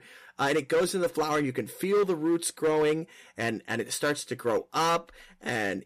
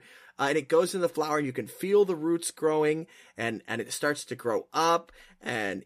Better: second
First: distortion; slight; 7% of the sound clipped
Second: none

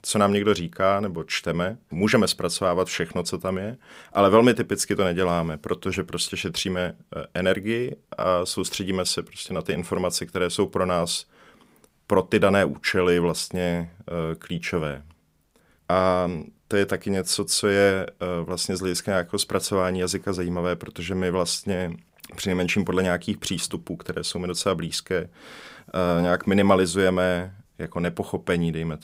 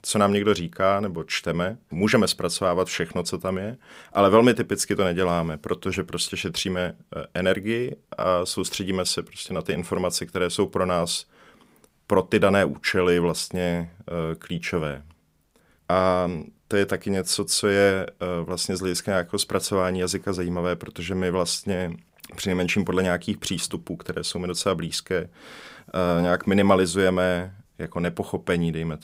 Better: neither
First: none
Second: none

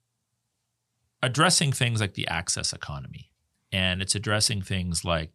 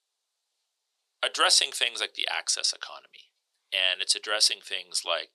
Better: first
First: none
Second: thin; very; fading below 400 Hz

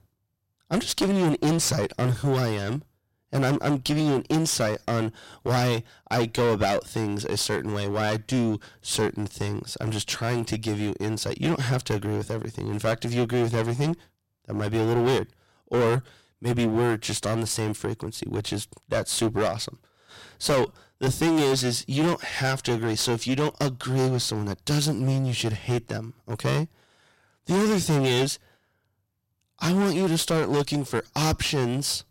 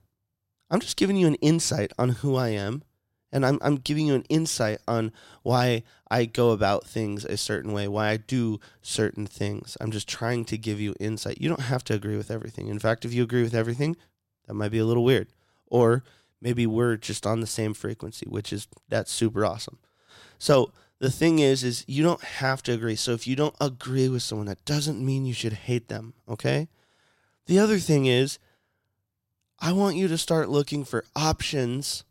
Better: second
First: distortion; heavy; 14% of the sound clipped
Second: none

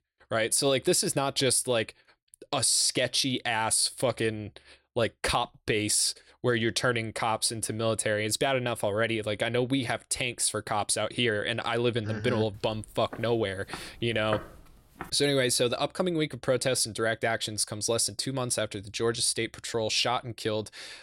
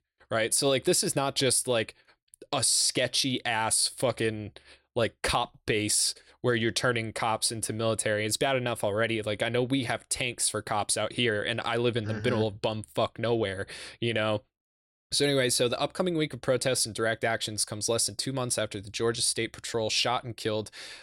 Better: second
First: footsteps; faint; from 13 to 15 s; peak 10 dB below the speech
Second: none

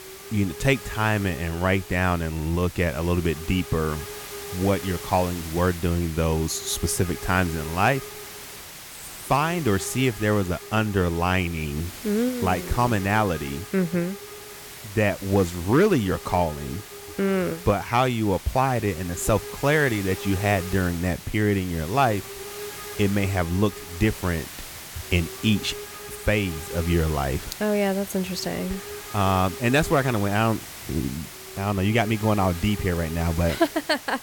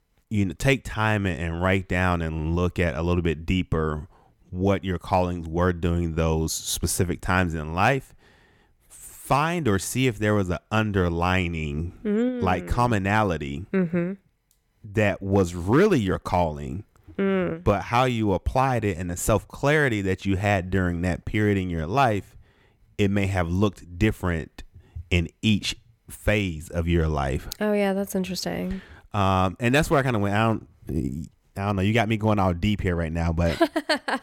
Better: second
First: hiss; noticeable; throughout; 10 dB below the speech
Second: none

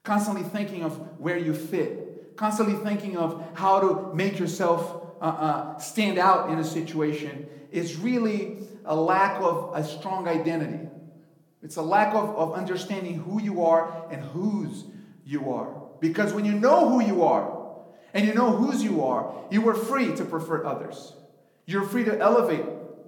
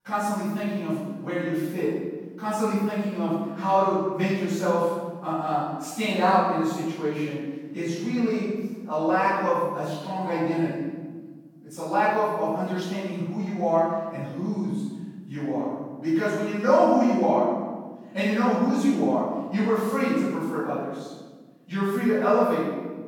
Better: first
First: room echo; slight; dies away in 0.7 s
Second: room echo; strong; dies away in 1.3 s // off-mic speech; far

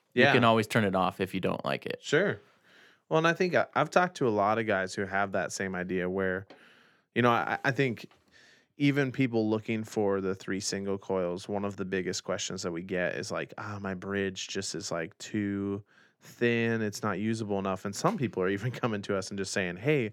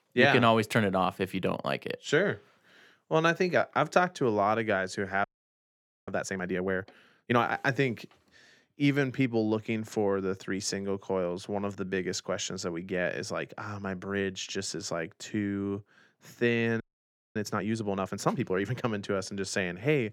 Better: first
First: none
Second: audio freezing; at 5 s for 1 s and at 17 s for 0.5 s

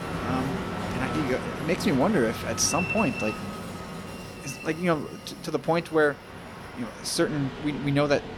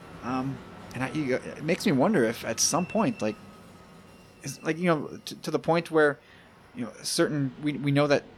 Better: second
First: train or aircraft noise; loud; throughout; 7 dB below the speech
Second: train or aircraft noise; faint; throughout; 20 dB below the speech

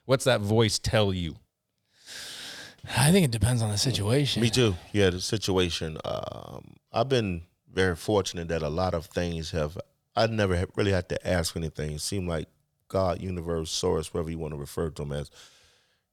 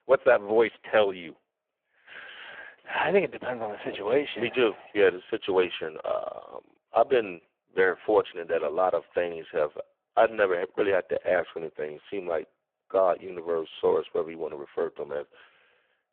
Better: first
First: none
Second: phone-call audio; poor line

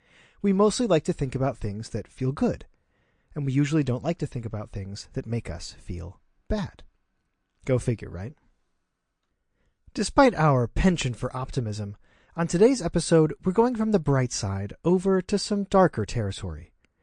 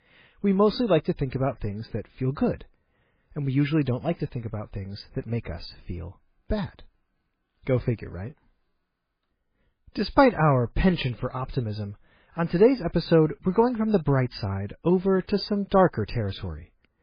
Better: first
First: garbled, watery; slightly; nothing above 9 kHz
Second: garbled, watery; badly; nothing above 4.5 kHz

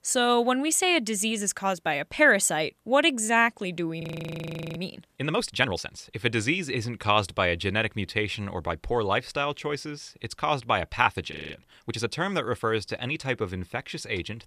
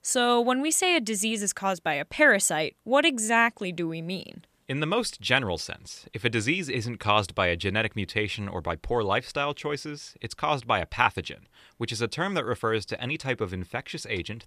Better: second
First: audio freezing; at 4 s for 0.5 s and at 11 s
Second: none

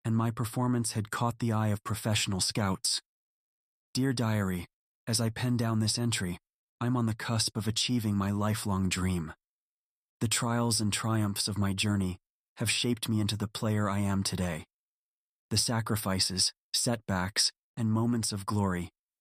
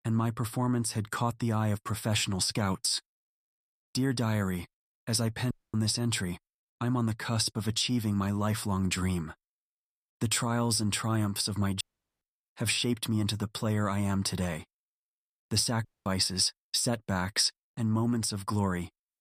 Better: first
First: none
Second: audio cutting out; at 5.5 s, at 12 s and at 16 s

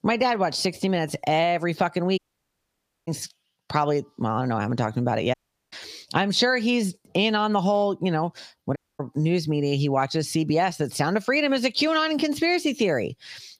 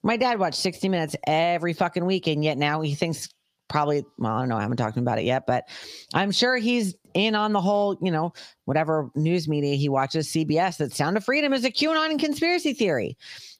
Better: second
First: audio cutting out; at 2 s for 1 s, at 5.5 s and at 9 s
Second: none

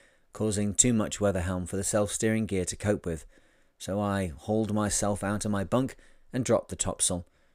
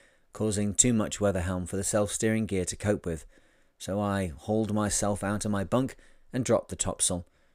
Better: neither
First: none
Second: none

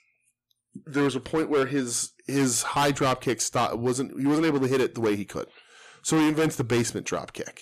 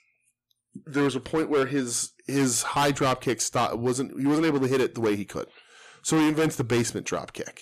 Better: neither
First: distortion; heavy; 11% of the sound clipped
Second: distortion; heavy; 11% of the sound clipped

